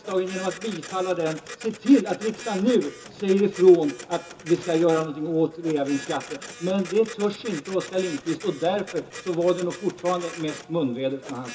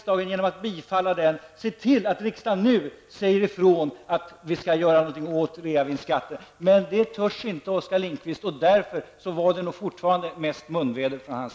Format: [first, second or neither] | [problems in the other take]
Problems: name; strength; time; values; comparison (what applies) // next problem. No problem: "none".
second | background sound (Printer); 16 dB below the speech // room echo; dies away in 0.2 s